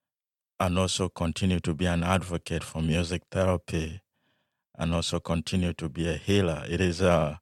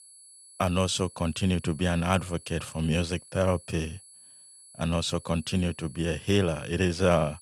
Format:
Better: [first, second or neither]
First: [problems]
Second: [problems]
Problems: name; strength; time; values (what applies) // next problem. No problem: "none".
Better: first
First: none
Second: high-pitched whine; faint; throughout; 10.5 kHz, 20 dB below the speech